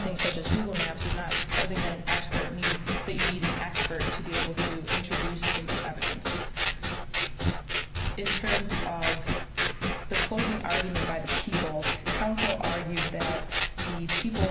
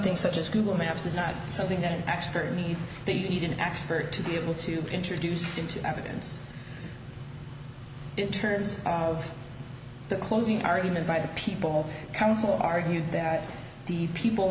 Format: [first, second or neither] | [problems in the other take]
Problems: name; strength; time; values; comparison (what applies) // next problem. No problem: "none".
second | background sound (Scissors); 4 dB above the speech